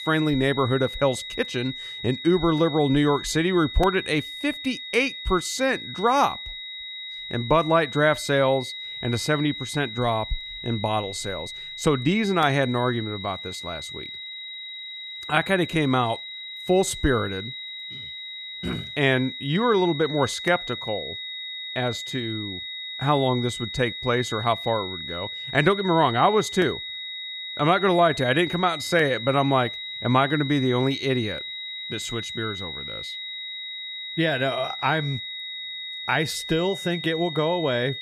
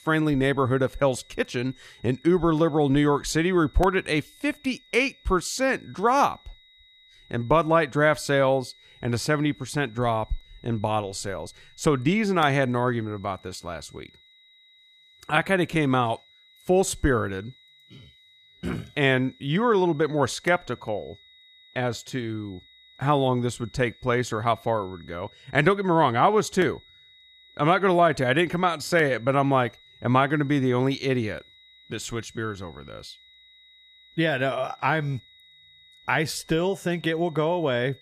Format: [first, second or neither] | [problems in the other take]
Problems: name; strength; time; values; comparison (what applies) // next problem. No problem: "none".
second | high-pitched whine; loud; throughout; 4 kHz, 9 dB below the speech; faint in the second